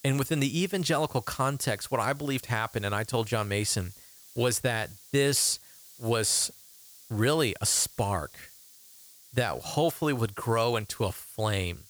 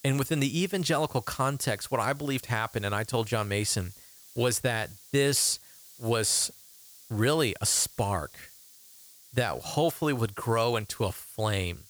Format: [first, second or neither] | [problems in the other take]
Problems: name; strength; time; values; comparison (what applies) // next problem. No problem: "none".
neither | hiss; faint; throughout; 20 dB below the speech; the same in both